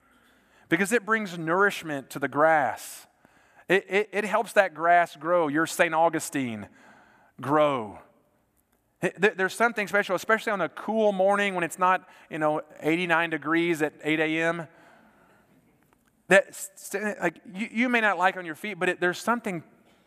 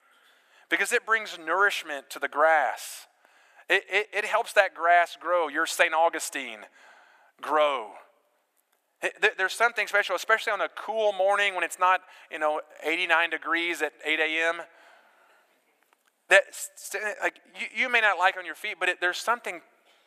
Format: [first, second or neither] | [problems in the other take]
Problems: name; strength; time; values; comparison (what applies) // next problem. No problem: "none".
first | thin; very; fading below 450 Hz